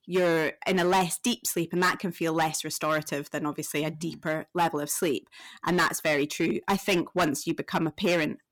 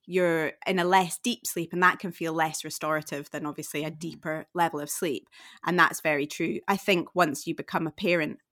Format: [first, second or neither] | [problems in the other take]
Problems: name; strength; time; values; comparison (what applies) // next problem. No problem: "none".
second | distortion; heavy; 7% of the sound clipped